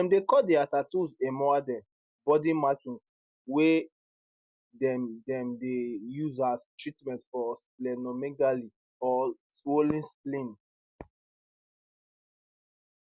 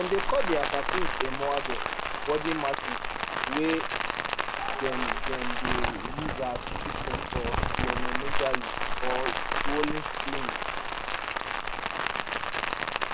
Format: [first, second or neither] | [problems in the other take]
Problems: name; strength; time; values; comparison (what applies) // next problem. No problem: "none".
first | background sound (Rain); 5 dB above the speech